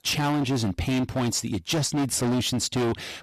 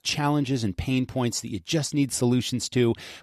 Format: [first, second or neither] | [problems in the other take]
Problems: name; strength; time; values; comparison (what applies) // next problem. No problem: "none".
second | distortion; heavy; 26% of the sound clipped